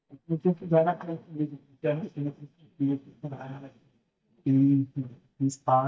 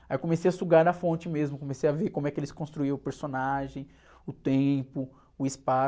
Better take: second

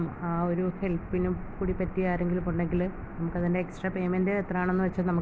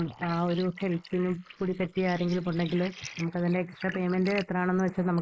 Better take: first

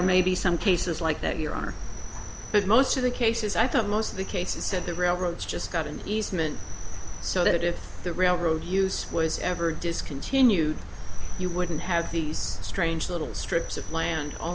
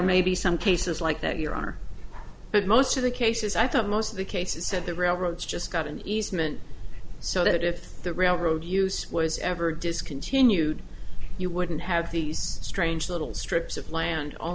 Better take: second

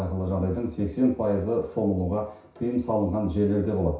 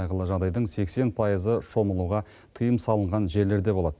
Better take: second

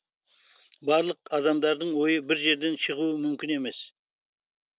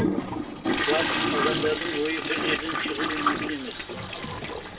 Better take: first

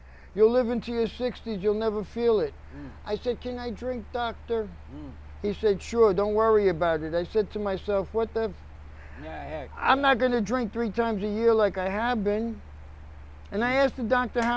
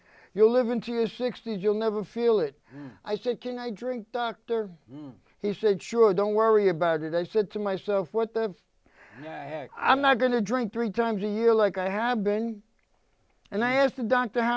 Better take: second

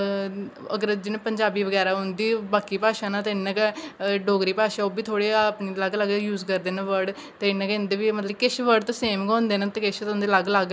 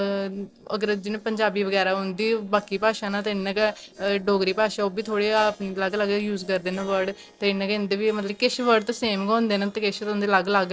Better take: first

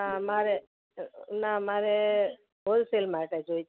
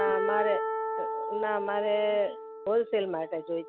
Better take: first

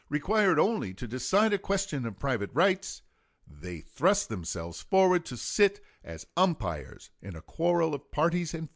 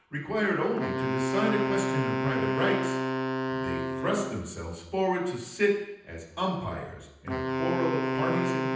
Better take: first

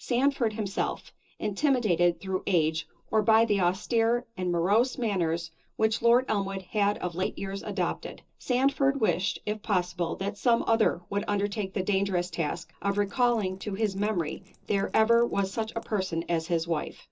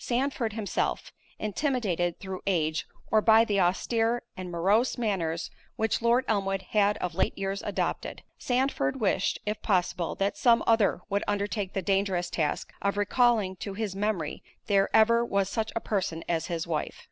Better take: second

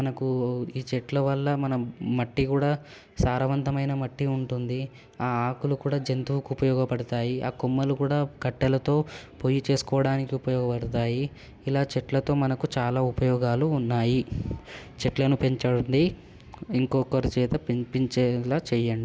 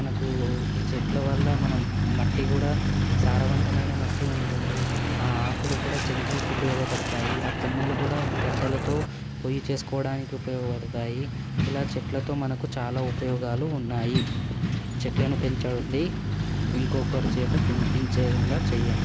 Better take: first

